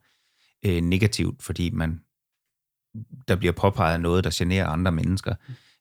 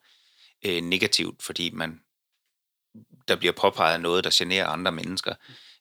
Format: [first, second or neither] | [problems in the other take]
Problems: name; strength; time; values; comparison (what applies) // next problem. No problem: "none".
first | thin; somewhat; fading below 350 Hz